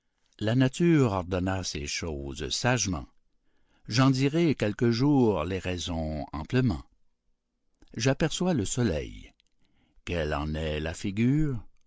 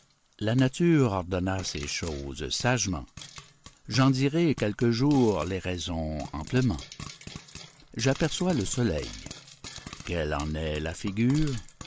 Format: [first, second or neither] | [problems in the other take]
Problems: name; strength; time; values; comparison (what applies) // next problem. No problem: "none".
first | background sound (Frying (food)); 18 dB below the speech